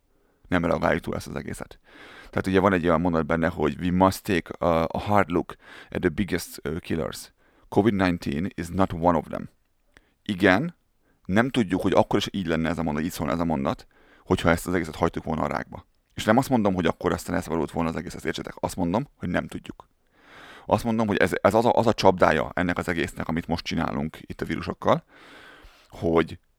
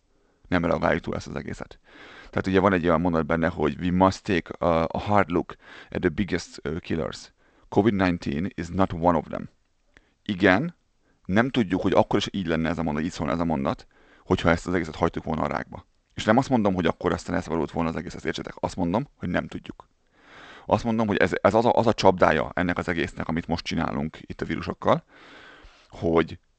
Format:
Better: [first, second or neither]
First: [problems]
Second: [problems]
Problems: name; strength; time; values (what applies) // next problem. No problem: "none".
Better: first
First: none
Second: garbled, watery; slightly; nothing above 8 kHz